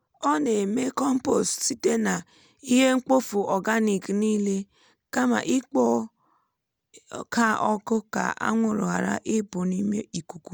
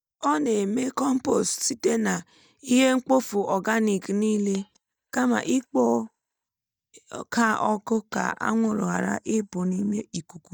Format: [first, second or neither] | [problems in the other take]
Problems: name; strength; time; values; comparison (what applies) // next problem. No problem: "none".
first | noise reduction (neural mask model DeepFilterNet 3)